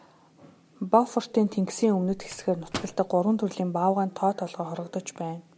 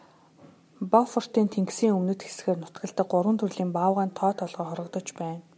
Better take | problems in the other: second | background sound (Microwave oven); 16 dB below the speech

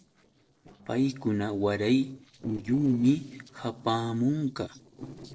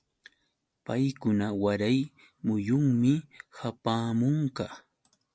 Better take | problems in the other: second | noise reduction (neural separator model SepFormer DNS4)

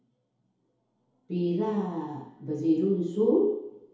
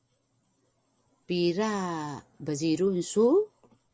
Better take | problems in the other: second | room echo; dies away in 2 s

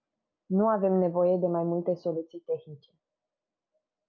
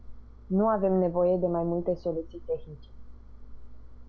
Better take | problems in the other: first | background sound (Engine); 14 dB below the speech

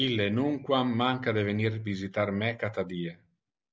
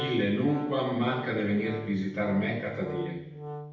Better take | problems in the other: first | background sound (Wind instrument, woodwind instrument); 11 dB below the speech // room echo; dies away in 0.8 s

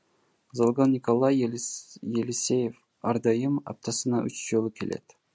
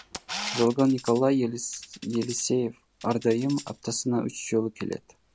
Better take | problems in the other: first | background sound (Camera + Tambourine); 15 dB below the speech

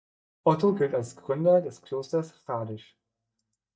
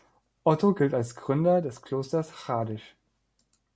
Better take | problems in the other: second | noise reduction (neural mask model DeepFilterNet 3)

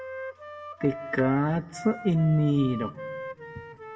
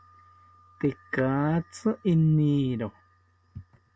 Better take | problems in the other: second | background sound (Wind instrument, woodwind instrument); 12 dB below the speech // room echo; dies away in 0.6 s

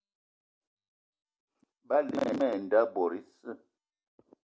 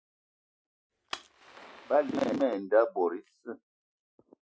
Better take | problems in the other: first | noise reduction (classical method Wiener filter)

